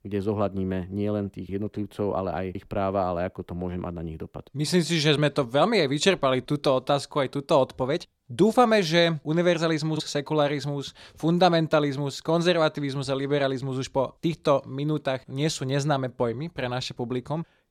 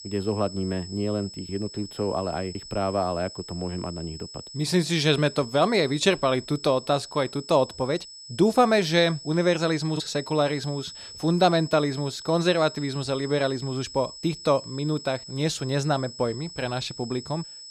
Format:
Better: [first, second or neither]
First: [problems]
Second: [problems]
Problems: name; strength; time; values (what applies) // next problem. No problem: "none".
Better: first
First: none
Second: high-pitched whine; noticeable; throughout; 5 kHz, 15 dB below the speech